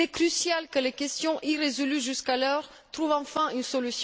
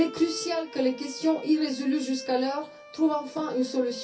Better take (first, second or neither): first